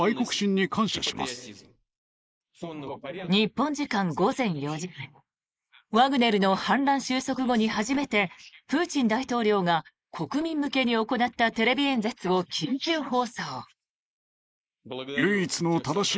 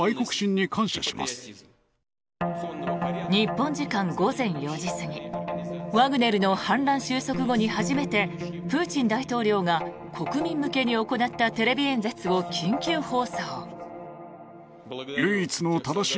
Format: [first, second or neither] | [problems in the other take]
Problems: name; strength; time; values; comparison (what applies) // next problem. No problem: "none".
second | noise reduction (neural mask model Resemble Enhance denoiser)